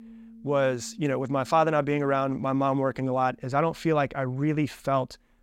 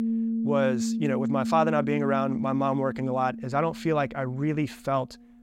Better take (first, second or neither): first